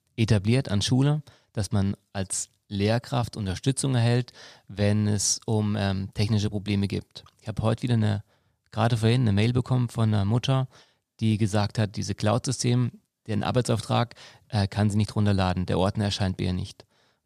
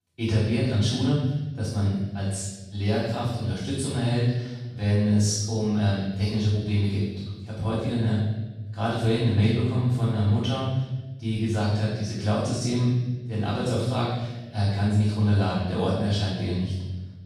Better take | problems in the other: first | off-mic speech; far // room echo; strong; dies away in 1.2 s

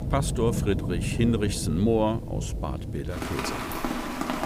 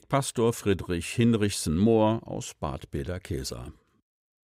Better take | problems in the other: second | rain or running water; loud; throughout; 3 dB below the speech

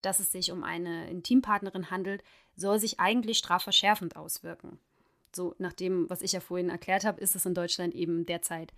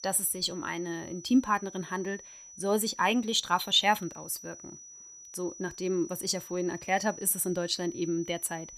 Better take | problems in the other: first | high-pitched whine; noticeable; throughout; 6 kHz, 15 dB below the speech

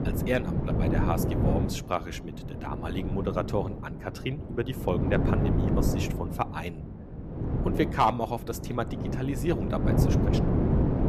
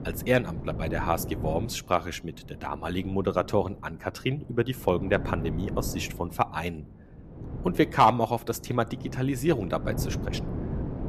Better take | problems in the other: second | wind noise on the microphone; heavy; 3 dB below the speech; occasional gusts in the second

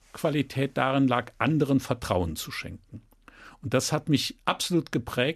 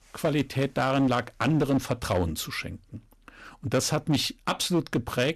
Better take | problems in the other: first | distortion; slight; 9% of the sound clipped

